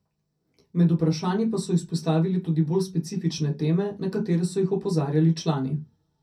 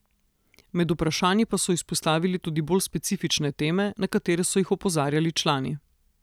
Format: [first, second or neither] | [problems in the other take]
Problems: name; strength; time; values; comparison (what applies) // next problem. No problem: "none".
second | room echo; dies away in 0.3 s